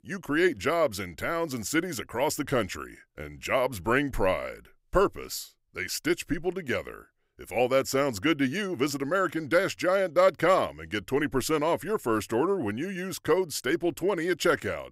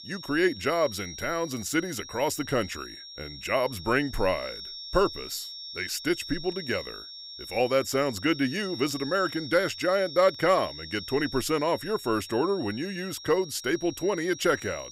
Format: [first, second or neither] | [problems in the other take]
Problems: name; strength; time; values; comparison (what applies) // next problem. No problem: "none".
first | high-pitched whine; noticeable; throughout; 5.5 kHz, 10 dB below the speech